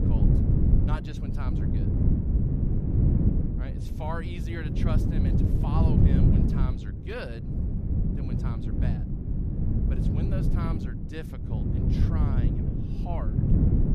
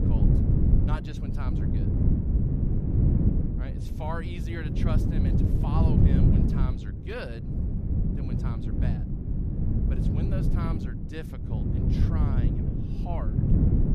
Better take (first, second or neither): neither